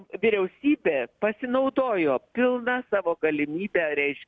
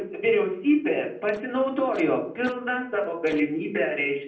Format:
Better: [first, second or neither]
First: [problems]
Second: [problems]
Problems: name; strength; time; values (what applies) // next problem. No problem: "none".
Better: first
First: none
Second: noise reduction (neural separator model SepFormer DNS4)